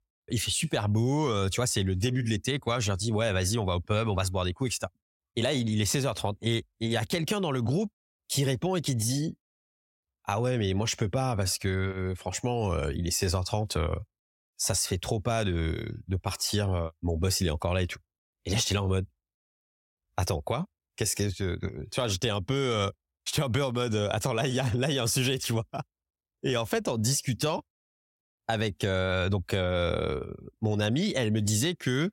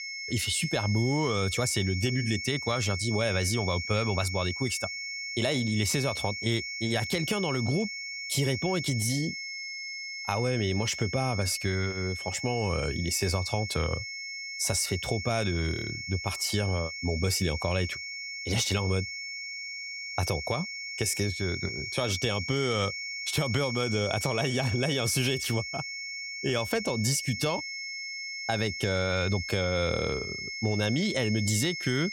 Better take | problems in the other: first | high-pitched whine; loud; throughout; 2 kHz, 5 dB below the speech

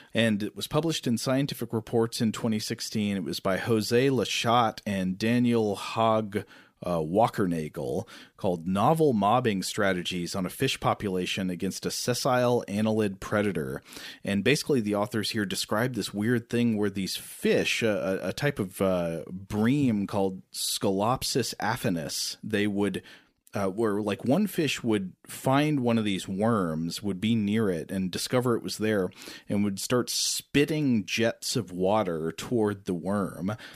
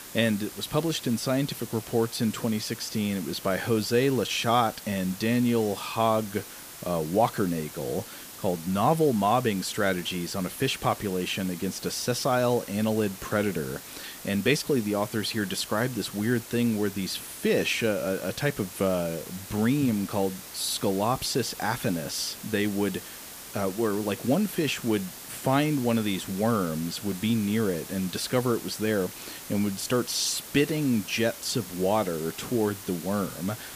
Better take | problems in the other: first | hiss; noticeable; throughout; 15 dB below the speech

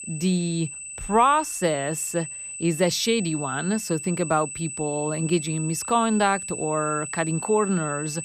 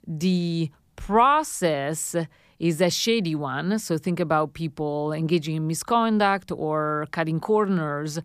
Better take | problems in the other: second | high-pitched whine; loud; throughout; 8 kHz, 8 dB below the speech

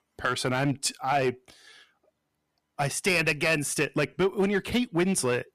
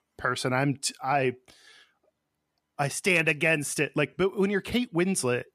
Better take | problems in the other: second | distortion; slight; 4% of the sound clipped

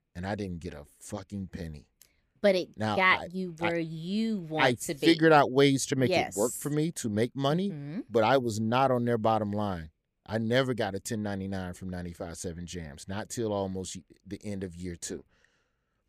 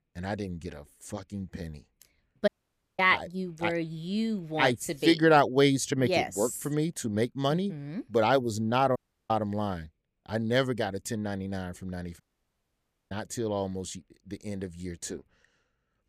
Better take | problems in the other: first | audio cutting out; at 2.5 s for 0.5 s, at 9 s and at 12 s for 1 s

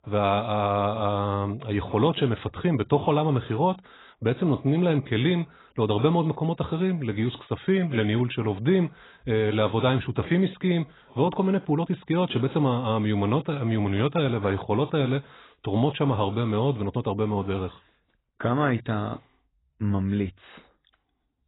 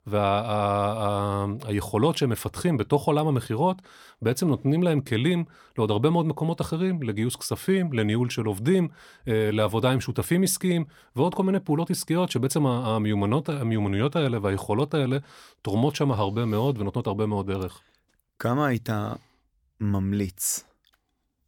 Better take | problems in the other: second | garbled, watery; badly; nothing above 4 kHz

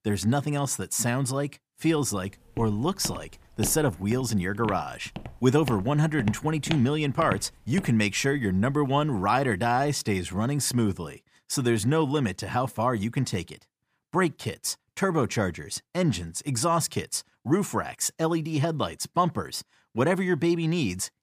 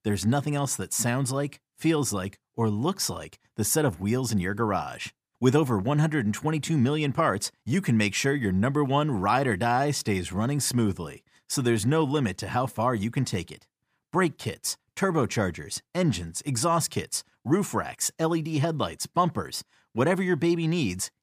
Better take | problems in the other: second | footsteps; noticeable; from 2.5 to 8 s; peak 9 dB below the speech

